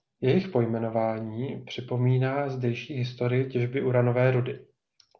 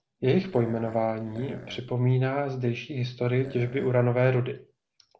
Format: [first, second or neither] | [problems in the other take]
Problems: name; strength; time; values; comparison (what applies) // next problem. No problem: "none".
first | background sound (Burping, eructation); 19 dB below the speech